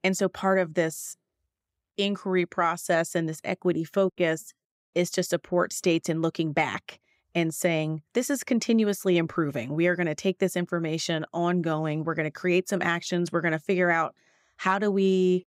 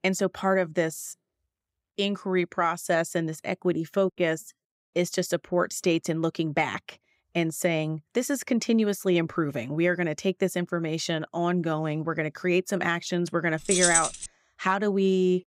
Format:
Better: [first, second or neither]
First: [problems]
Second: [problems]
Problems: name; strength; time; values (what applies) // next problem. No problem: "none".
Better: first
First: none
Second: jangling keys; loud; at 14 s; peak 5 dB above the speech